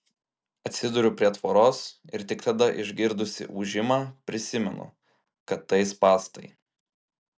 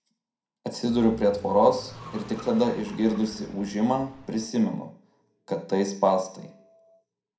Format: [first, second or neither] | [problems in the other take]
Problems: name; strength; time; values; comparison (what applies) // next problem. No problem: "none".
first | background sound (Car); 18 dB below the speech // room echo; dies away in 0.4 s